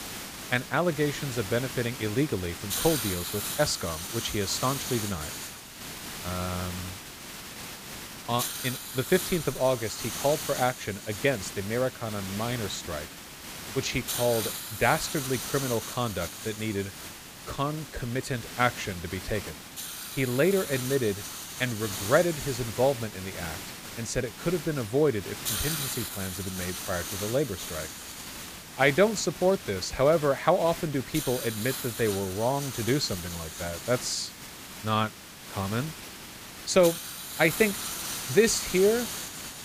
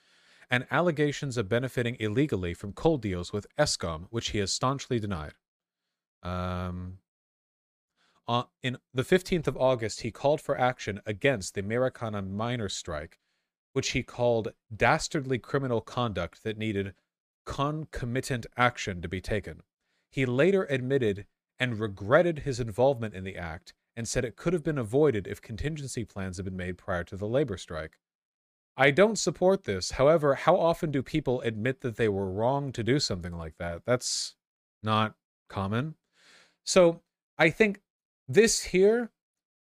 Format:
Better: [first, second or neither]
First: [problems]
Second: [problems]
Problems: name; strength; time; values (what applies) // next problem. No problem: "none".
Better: second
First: hiss; loud; throughout; 7 dB below the speech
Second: none